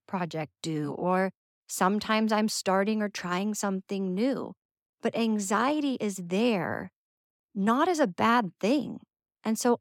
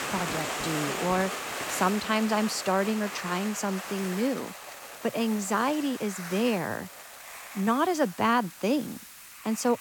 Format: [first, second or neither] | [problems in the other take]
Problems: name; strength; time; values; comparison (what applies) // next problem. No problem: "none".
first | hiss; loud; throughout; 8 dB below the speech